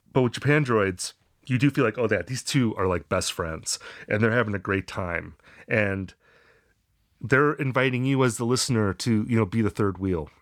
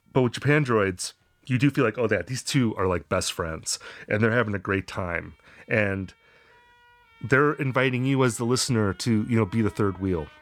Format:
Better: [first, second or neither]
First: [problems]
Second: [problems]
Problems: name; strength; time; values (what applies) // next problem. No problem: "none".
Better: first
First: none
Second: background music; faint; throughout; 30 dB below the speech